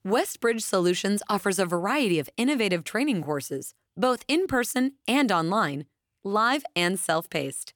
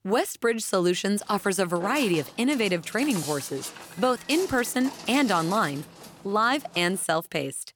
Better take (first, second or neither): first